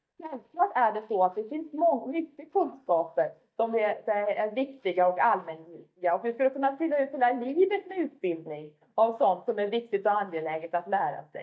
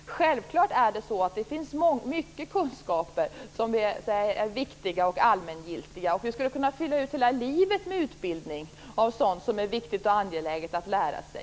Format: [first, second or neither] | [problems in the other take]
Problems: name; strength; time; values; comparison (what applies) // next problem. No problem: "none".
second | noise reduction (neural mask model DeepFilterNet 3)